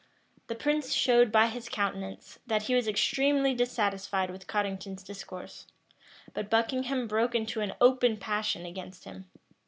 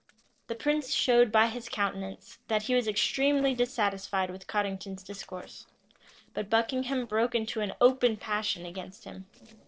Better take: first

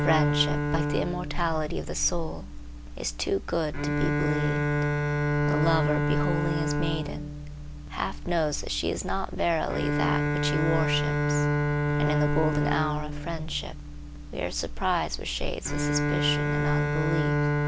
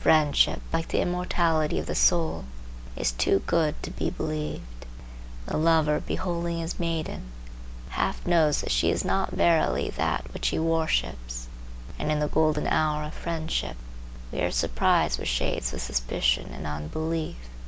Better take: second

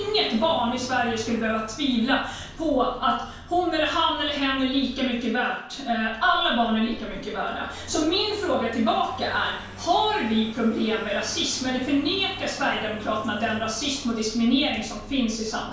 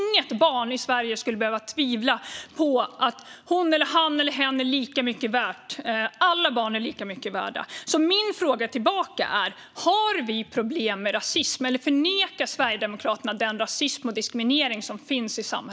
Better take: second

